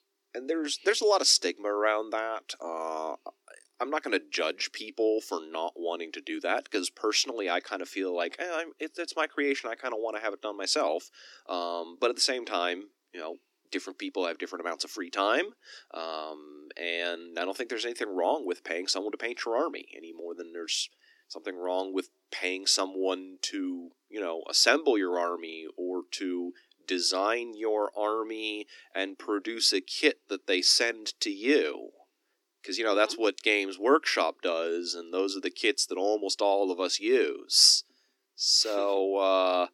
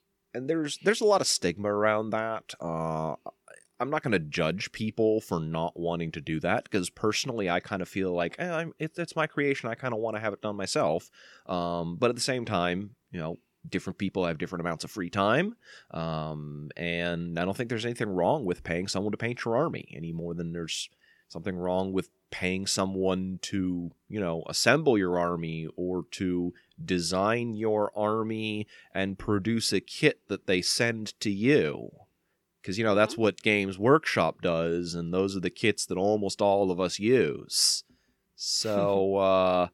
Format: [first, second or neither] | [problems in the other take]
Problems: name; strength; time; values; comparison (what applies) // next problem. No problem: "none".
second | thin; very slightly; fading below 250 Hz